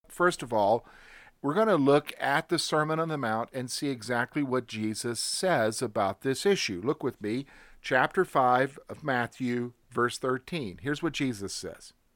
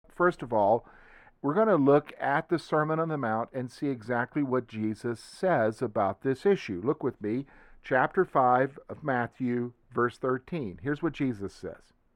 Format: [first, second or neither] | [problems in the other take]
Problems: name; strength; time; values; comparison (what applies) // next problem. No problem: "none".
first | muffled; very; fading above 2.5 kHz